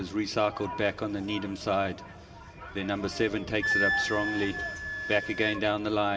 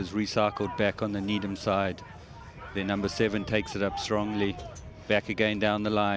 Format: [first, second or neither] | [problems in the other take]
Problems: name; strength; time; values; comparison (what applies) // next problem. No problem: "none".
second | background sound (Wind instrument, woodwind instrument); 6 dB below the speech // room echo; dies away in 1.1 s